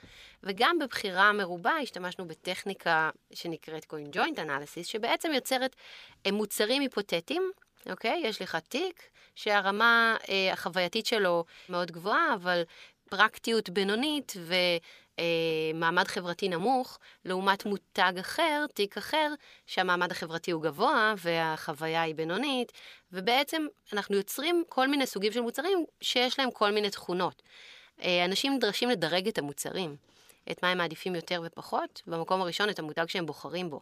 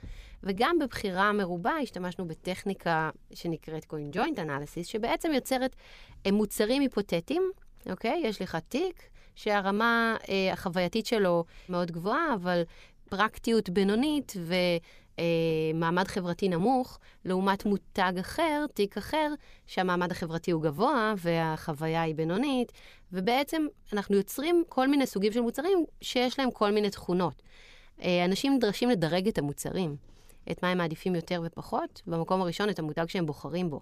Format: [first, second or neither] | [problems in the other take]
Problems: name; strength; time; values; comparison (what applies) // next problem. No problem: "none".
second | thin; very slightly; fading below 500 Hz